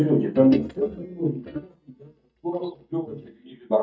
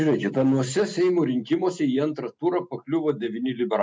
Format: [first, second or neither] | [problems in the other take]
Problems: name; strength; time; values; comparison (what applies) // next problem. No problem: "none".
second | noise reduction (neural mask model DeepFilterNet 3)